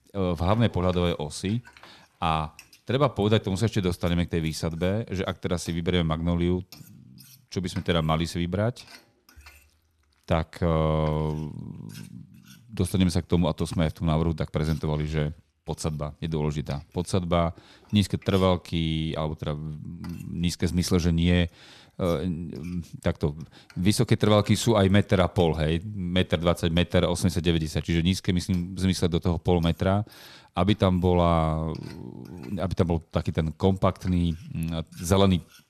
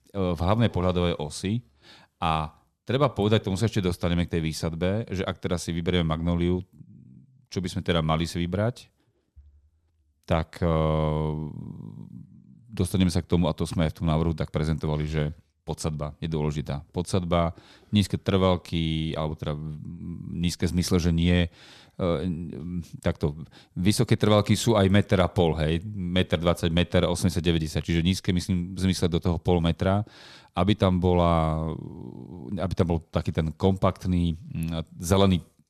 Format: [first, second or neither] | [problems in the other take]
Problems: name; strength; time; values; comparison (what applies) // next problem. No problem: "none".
second | household noises; faint; throughout; 30 dB below the speech